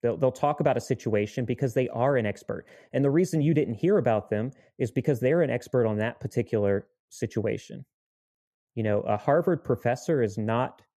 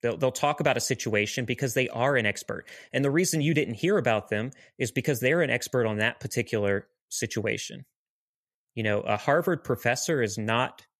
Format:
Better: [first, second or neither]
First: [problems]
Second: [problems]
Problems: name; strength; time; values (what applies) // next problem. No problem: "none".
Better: second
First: muffled; slightly; fading above 1.5 kHz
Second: none